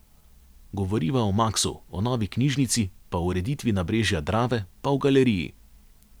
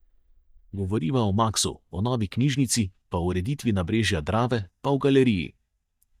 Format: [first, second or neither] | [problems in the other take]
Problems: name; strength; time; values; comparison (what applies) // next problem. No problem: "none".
first | noise reduction (neural mask model DeepFilterNet 3)